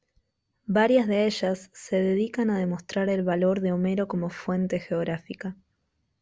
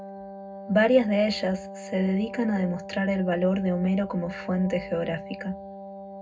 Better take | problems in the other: first | background sound (Wind instrument, woodwind instrument); 13 dB below the speech // room echo; dies away in 0.3 s

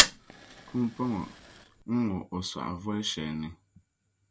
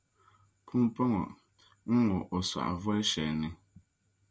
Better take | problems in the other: second | background sound (Fire); 1 dB below the speech

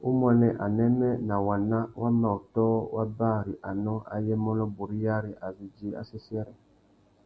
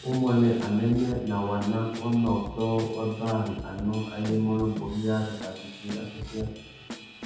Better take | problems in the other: first | background sound (Drum / Drum kit); 13 dB below the speech // room echo; dies away in 0.9 s

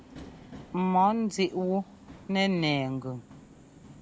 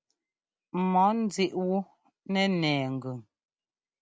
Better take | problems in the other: second | background sound (Subway, metro, underground); 19 dB below the speech

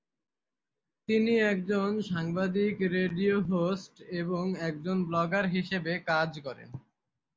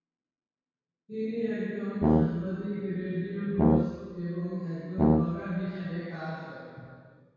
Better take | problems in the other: first | background sound (Brass instrument); 5 dB above the speech // room echo; dies away in 2 s

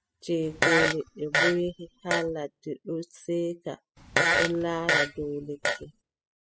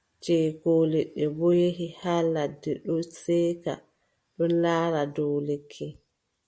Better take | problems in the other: second | noise reduction (classical method spectral subtraction)

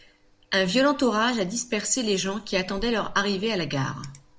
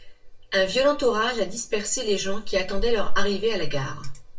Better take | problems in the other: first | room echo; dies away in 0.1 s

